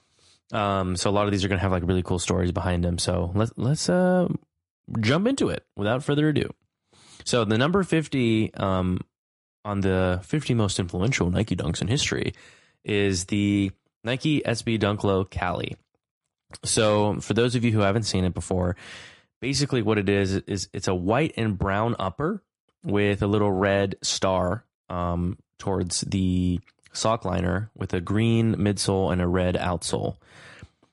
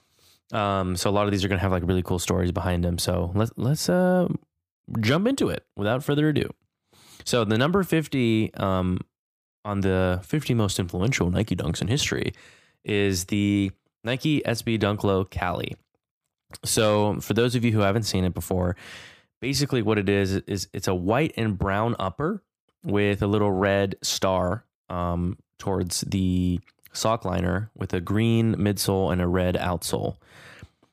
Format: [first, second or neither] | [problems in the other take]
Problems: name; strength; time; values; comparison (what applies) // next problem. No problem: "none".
second | garbled, watery; slightly; nothing above 11 kHz